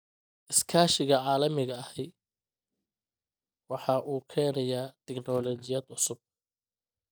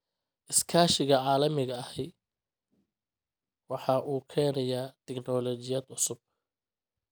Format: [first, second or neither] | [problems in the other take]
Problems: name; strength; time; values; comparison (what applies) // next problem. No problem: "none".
second | noise reduction (neural mask model DeepFilterNet 3)